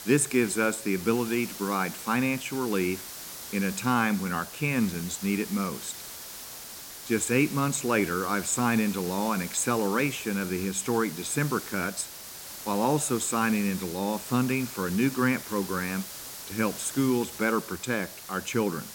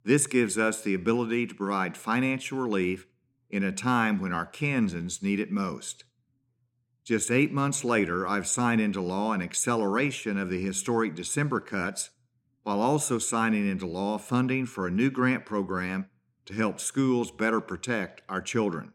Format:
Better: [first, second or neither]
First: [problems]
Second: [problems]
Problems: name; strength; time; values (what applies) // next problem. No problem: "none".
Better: second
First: hiss; noticeable; throughout; 10 dB below the speech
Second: none